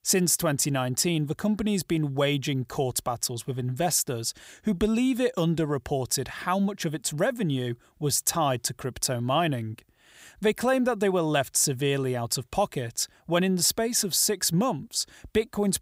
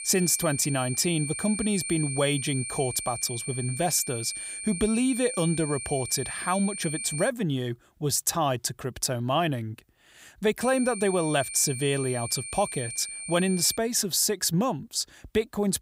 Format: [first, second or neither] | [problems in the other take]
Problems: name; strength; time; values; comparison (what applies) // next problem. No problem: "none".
first | high-pitched whine; loud; until 7.5 s and from 11 to 14 s; 9 kHz, 7 dB below the speech